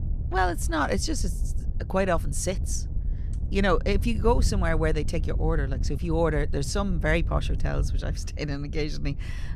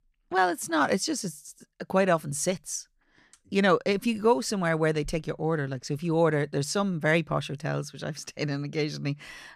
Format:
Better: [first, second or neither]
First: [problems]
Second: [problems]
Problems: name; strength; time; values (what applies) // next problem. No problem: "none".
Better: second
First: wind noise on the microphone; occasional gusts; 20 dB below the speech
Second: none